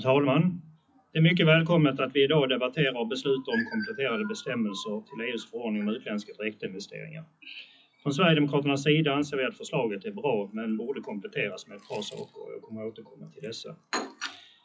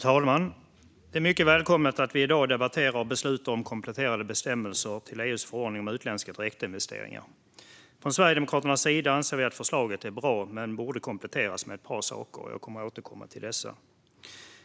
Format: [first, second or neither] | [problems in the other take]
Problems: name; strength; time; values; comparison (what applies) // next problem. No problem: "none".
second | noise reduction (classical method WPE with log-MMSE)